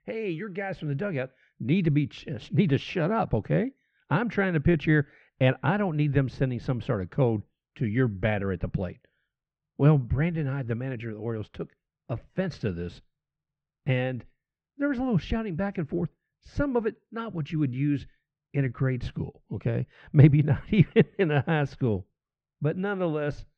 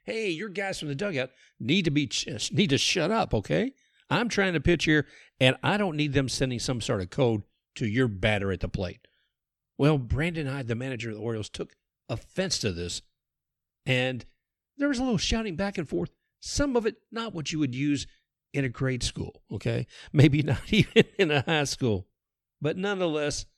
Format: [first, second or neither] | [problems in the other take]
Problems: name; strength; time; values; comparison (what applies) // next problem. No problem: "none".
second | muffled; very; fading above 1.5 kHz